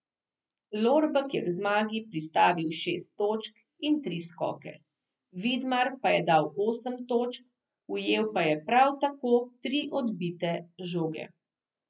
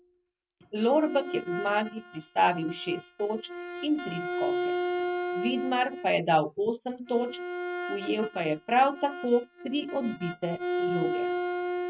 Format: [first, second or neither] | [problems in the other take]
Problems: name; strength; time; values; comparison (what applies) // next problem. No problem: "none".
first | noise reduction (neural mask model RNNoise)